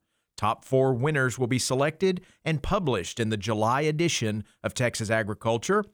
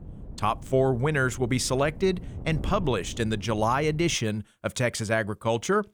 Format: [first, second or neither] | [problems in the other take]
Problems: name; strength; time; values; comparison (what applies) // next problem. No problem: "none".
first | wind noise on the microphone; occasional gusts; until 4 s; 25 dB below the speech